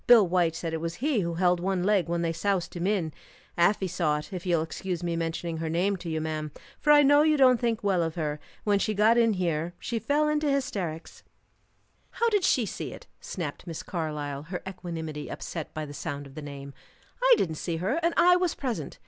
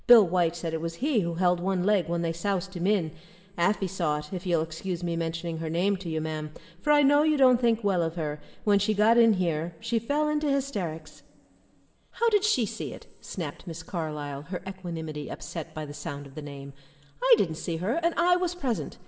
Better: first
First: none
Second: room echo; dies away in 1.2 s

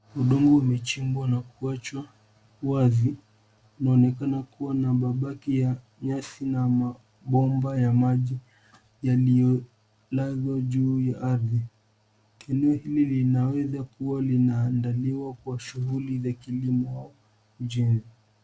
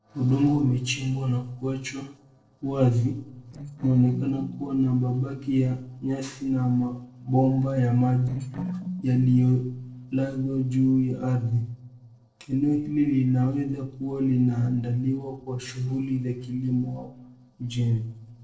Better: first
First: none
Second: noise reduction (neural separator model SepFormer DNS4)

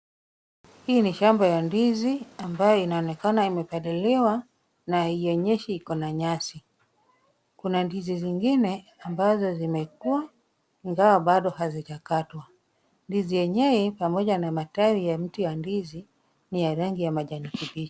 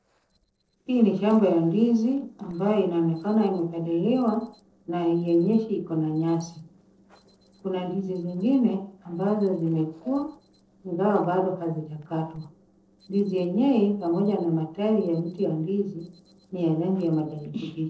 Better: first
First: none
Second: noise reduction (neural separator model SepFormer DNS4)

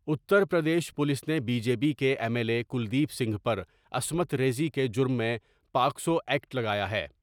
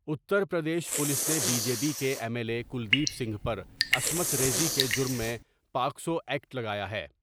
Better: first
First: none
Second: background sound (Drip / Sink (filling or washing) / Water tap, faucet / Water + Respiratory sounds); 1 dB below the speech

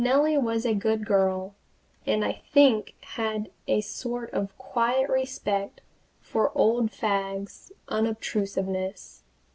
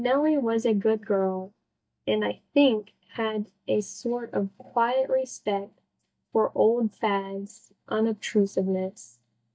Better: first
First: none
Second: noise reduction (neural mask model DeepFilterNet 3)

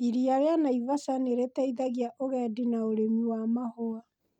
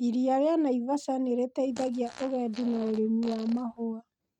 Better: first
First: none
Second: noise reduction (neural mask model RNNoise)

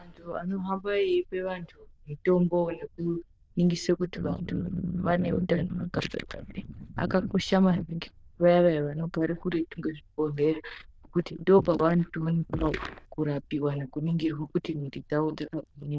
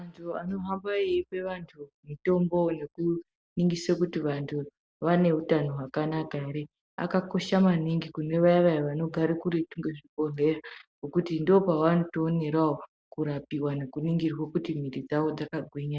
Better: second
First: noise reduction (neural diffusion model UNIVERSE++)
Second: none

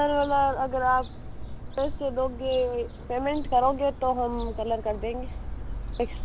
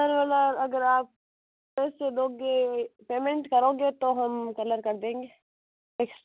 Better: second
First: background sound (Gull, seagull / Fowl); 8 dB below the speech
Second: none

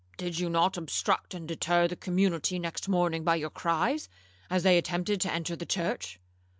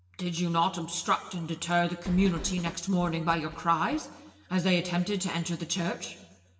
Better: first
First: none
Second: background sound (Train); 13 dB below the speech // room echo; dies away in 1 s

